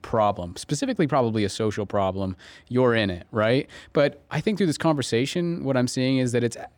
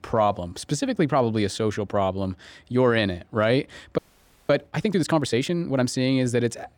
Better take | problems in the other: first | audio freezing; at 4 s for 0.5 s

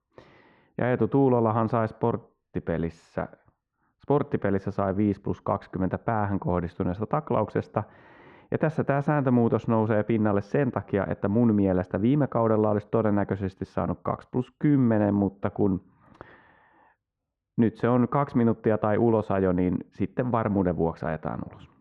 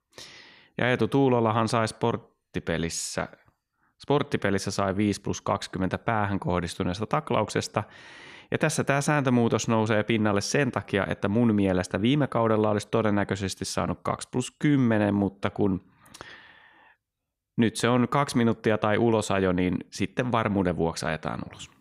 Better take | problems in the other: second | muffled; very; fading above 3.5 kHz

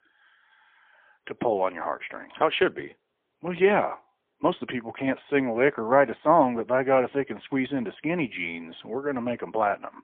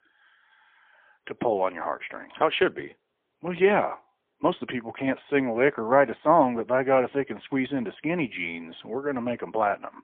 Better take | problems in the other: neither | phone-call audio; poor line; nothing above 3.5 kHz; the same in both

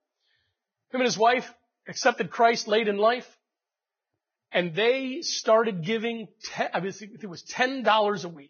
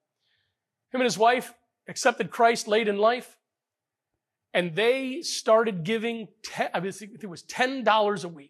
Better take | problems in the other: second | garbled, watery; badly; nothing above 6.5 kHz; slightly in the second

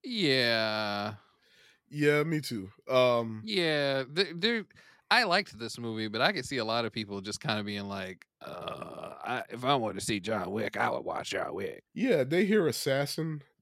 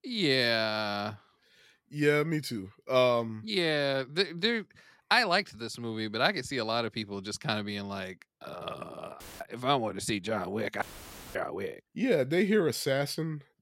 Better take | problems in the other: first | audio cutting out; filled with static; at 9 s and at 11 s for 0.5 s

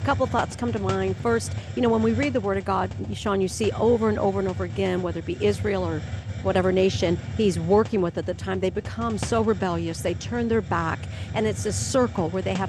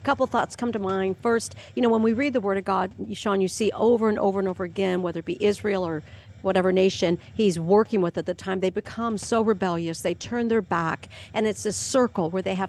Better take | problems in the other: second | hiss; loud; throughout; 9 dB below the speech; faint in the second

